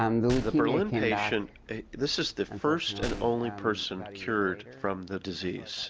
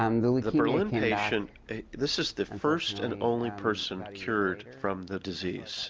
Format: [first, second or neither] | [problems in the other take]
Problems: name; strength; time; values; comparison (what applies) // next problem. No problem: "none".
second | background sound (Gunshot, gunfire); 15 dB below the speech